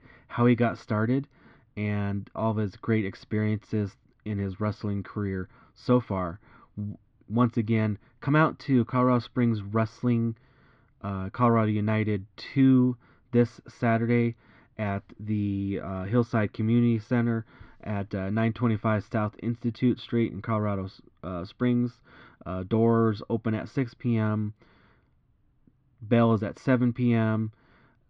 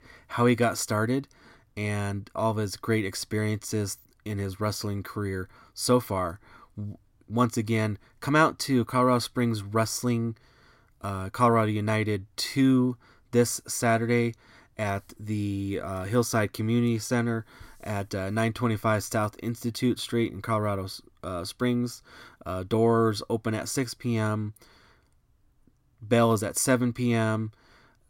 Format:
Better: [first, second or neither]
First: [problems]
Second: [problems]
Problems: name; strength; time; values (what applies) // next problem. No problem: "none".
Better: second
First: muffled; slightly; fading above 3.5 kHz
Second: none